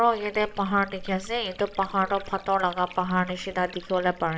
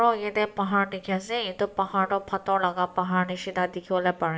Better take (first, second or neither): second